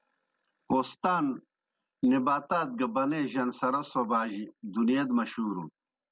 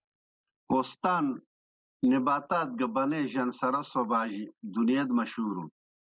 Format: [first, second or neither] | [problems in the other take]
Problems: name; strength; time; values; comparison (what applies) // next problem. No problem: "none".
first | noise reduction (neural mask model Resemble Enhance denoiser)